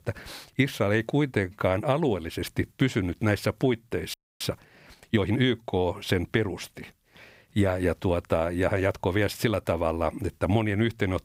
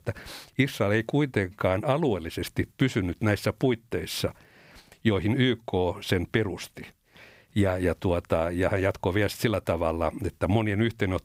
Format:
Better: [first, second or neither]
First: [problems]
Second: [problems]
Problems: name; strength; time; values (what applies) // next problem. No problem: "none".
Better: second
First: audio freezing; at 4 s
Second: none